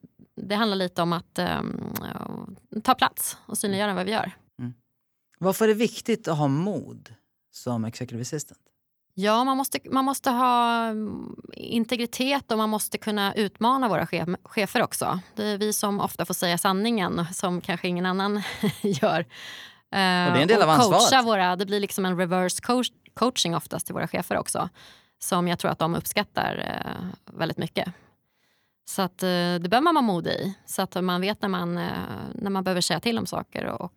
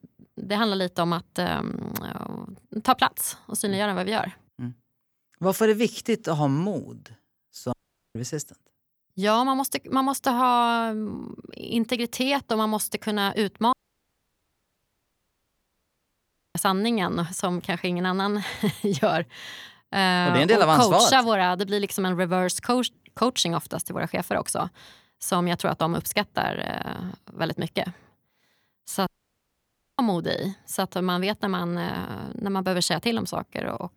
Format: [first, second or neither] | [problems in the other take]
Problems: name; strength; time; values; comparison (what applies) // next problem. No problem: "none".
first | audio cutting out; at 7.5 s, at 14 s for 3 s and at 29 s for 1 s